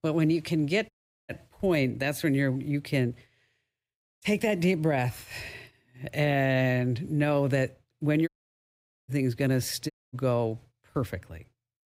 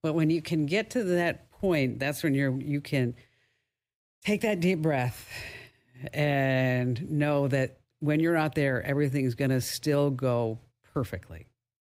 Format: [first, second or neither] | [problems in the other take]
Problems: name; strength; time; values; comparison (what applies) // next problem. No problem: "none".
second | audio cutting out; at 1 s, at 8.5 s for 1 s and at 10 s